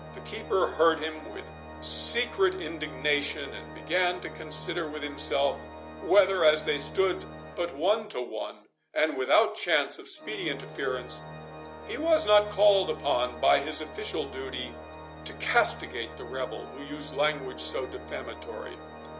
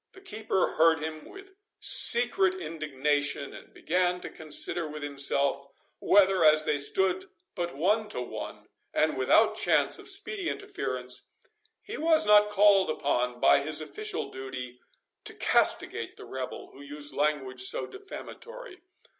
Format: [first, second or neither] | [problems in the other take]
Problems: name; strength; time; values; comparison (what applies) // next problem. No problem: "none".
second | background sound (Organ); 14 dB below the speech